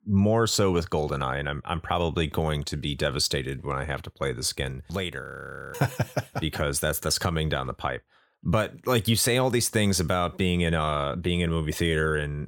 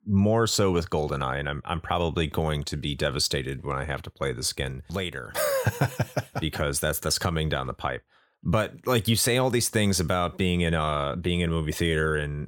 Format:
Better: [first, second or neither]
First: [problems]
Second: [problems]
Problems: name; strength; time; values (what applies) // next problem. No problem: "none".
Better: second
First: audio freezing; at 5 s for 0.5 s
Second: none